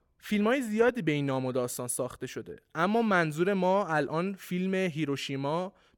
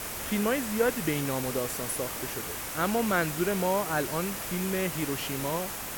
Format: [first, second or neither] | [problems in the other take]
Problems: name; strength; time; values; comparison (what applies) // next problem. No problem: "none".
first | hiss; loud; throughout; 4 dB below the speech